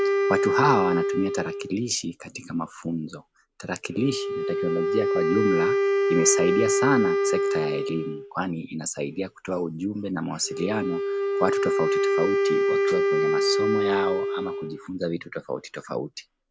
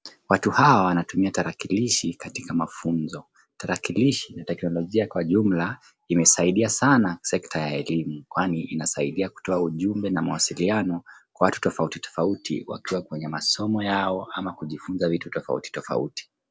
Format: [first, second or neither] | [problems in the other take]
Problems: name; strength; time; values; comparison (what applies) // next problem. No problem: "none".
second | background sound (Wind instrument, woodwind instrument); 3 dB above the speech